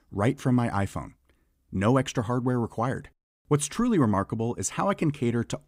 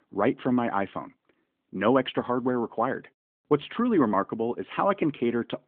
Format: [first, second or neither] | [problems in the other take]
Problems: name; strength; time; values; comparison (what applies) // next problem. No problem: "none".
first | phone-call audio